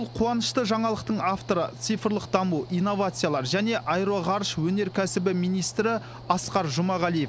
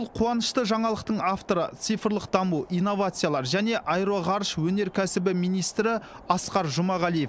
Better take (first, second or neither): second